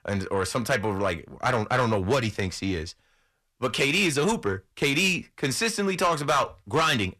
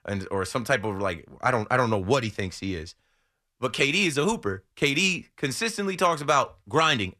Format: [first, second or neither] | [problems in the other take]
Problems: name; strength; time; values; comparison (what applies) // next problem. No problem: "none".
second | distortion; slight; 10 dB below the speech